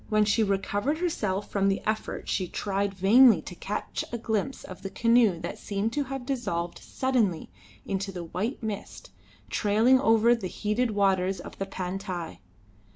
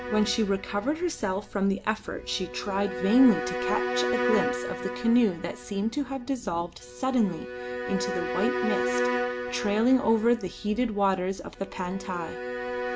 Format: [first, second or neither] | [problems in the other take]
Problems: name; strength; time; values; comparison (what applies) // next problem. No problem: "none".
first | background sound (Bowed string instrument); 5 dB below the speech